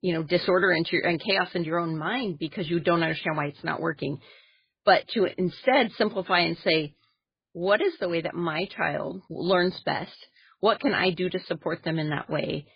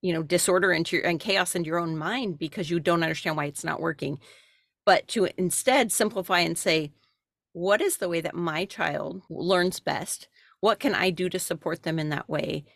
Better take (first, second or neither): second